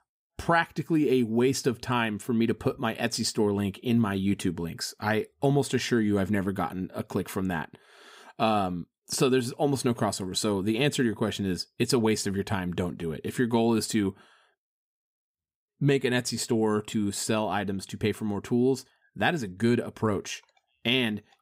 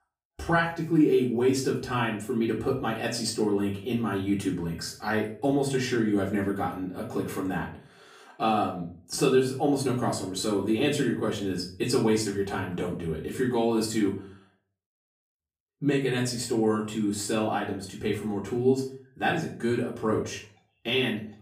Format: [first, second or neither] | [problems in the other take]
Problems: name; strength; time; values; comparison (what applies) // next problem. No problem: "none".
first | off-mic speech; far // room echo; slight; dies away in 0.4 s